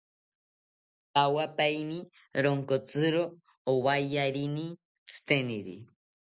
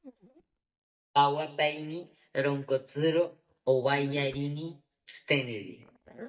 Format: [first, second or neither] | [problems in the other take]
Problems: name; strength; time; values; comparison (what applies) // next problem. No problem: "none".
first | noise reduction (neural mask model DeepFilterNet 3)